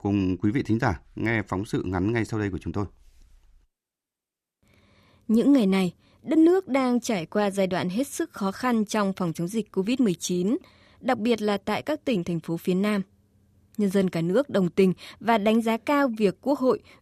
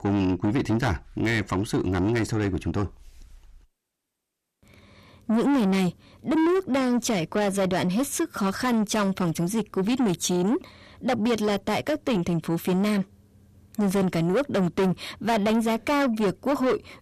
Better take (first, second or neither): first